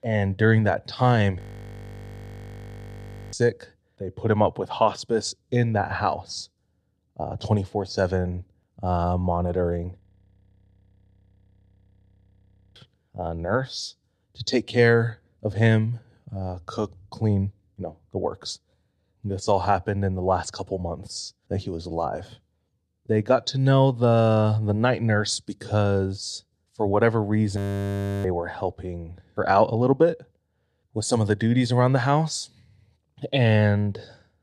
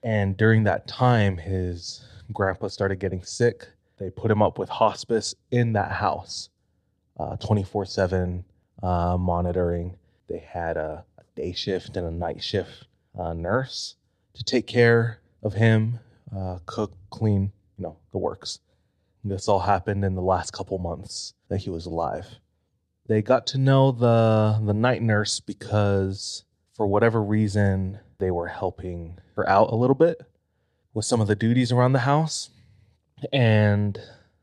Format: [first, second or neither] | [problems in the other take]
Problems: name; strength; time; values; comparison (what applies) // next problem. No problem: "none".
second | audio freezing; at 1.5 s for 2 s, at 10 s for 3 s and at 28 s for 0.5 s